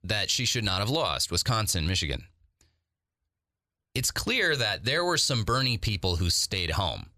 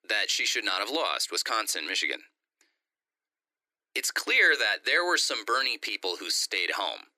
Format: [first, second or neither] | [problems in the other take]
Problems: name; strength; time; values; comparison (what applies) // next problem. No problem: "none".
first | thin; very; fading below 300 Hz